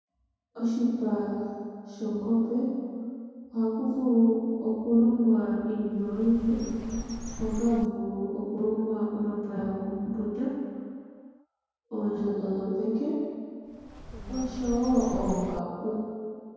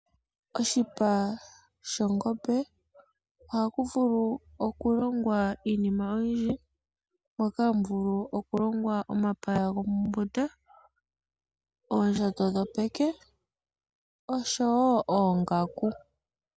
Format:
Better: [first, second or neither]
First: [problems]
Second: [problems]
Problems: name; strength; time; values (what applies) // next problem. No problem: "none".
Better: second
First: background sound (Bird); 10 dB below the speech // room echo; dies away in 2.2 s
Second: none